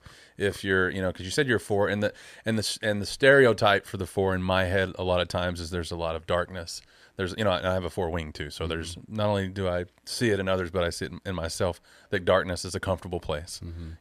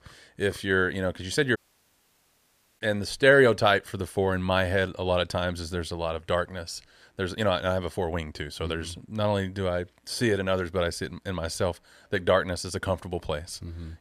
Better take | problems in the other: first | audio cutting out; at 1.5 s for 1 s

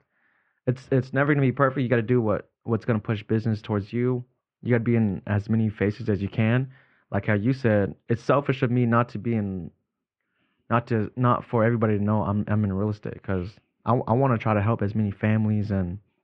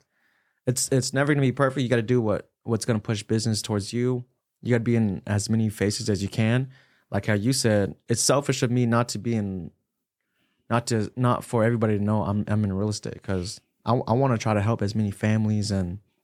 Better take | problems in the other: second | muffled; very; fading above 2.5 kHz

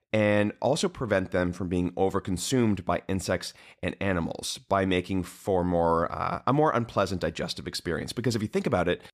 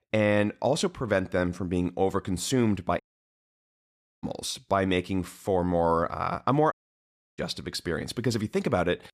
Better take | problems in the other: first | audio cutting out; at 3 s for 1 s and at 6.5 s for 0.5 s

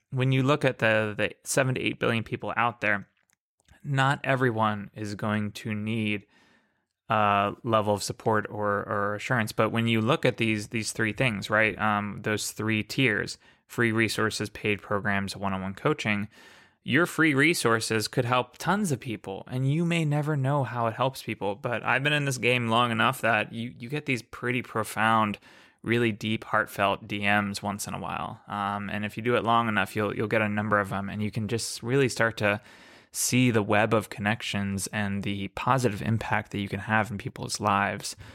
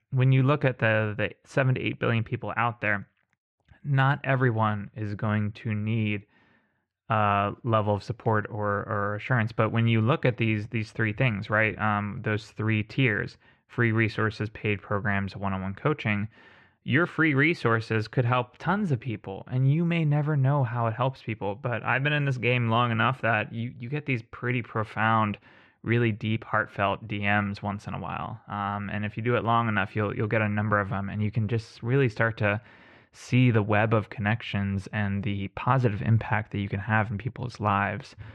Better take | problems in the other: first | muffled; slightly; fading above 2.5 kHz

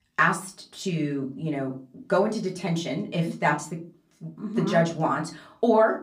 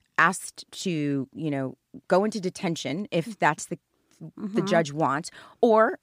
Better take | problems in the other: second | off-mic speech; far // room echo; very slight; dies away in 0.3 s

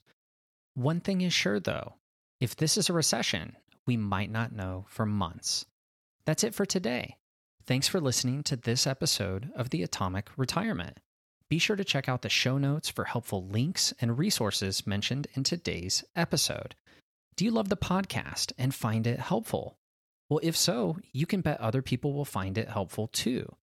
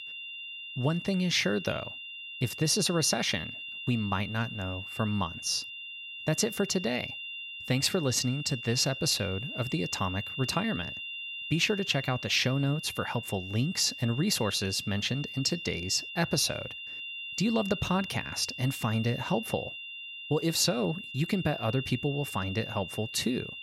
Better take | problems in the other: first | high-pitched whine; loud; throughout; 3 kHz, 8 dB below the speech

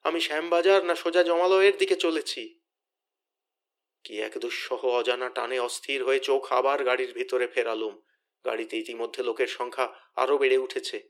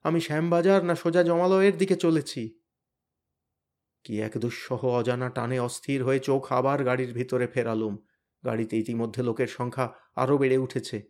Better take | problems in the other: second | thin; very; fading below 350 Hz

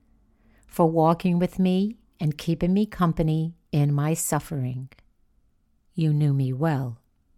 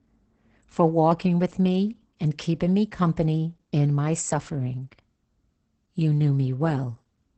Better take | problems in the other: first | garbled, watery; badly; nothing above 8 kHz

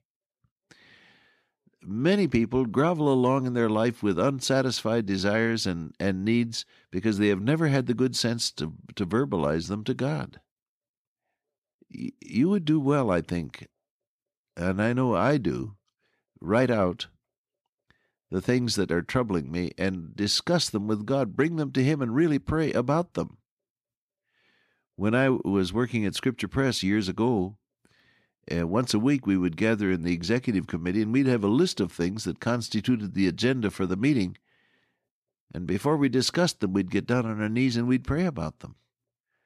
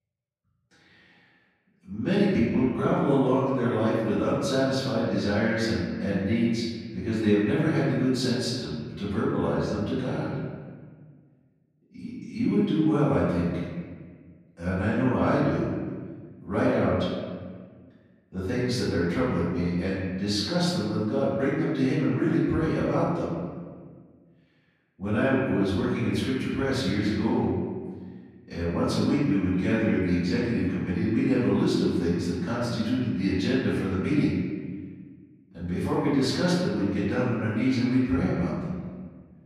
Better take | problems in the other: first | off-mic speech; far // room echo; strong; dies away in 1.6 s

